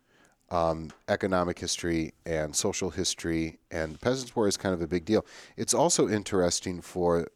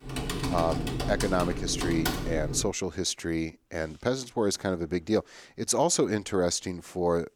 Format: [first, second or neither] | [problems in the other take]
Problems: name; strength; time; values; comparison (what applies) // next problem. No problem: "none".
first | keyboard typing; noticeable; until 2.5 s; peak 1 dB below the speech